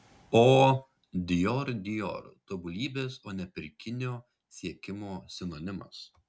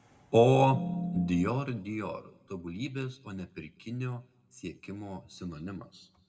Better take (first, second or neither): first